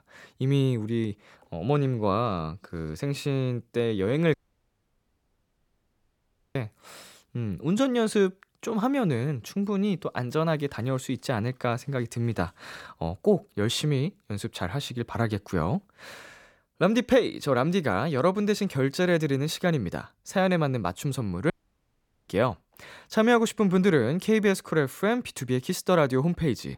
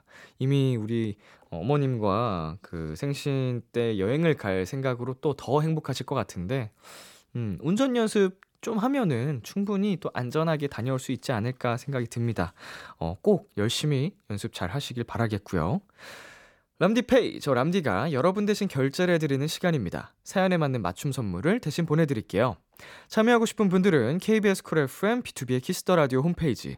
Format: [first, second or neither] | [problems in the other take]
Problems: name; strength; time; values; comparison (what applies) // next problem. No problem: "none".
second | audio cutting out; at 4.5 s for 2 s and at 22 s for 1 s